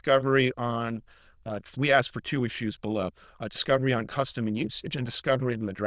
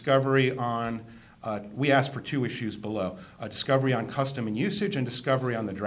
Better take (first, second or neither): second